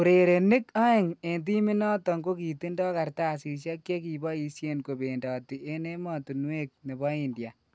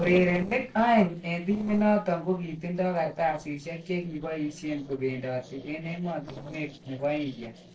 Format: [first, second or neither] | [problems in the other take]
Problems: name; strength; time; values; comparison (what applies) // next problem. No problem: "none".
first | noise reduction (neural separator model SepFormer DNS4)